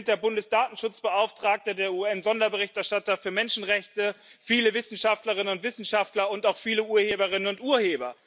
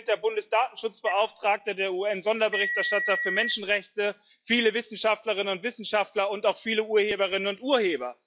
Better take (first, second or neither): first